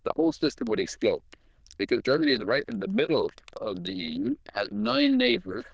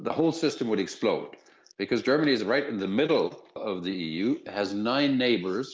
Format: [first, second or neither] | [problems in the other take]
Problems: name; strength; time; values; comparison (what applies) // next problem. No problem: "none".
second | noise reduction (neural diffusion model UNIVERSE++)